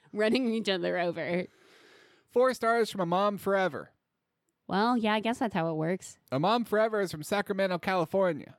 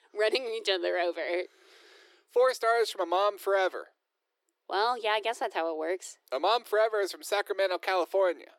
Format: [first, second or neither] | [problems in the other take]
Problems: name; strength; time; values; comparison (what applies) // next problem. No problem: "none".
first | thin; very; fading below 350 Hz